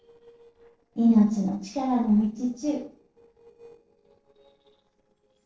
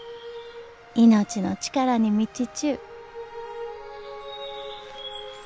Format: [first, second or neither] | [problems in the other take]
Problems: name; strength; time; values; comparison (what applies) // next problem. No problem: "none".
second | noise reduction (neural separator model SepFormer DNS4)